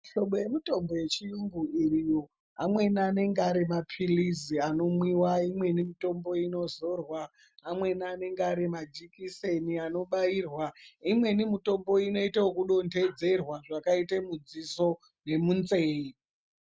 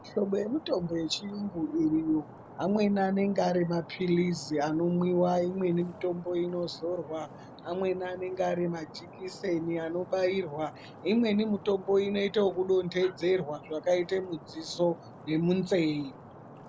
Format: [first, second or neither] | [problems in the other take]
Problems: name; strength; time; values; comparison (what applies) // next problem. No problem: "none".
first | background sound (Stream); 18 dB below the speech